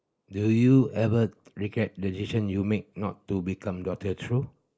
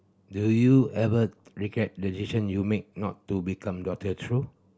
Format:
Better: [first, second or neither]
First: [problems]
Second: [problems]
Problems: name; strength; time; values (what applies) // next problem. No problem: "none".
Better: second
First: noise reduction (neural mask model Resemble Enhance denoiser)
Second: none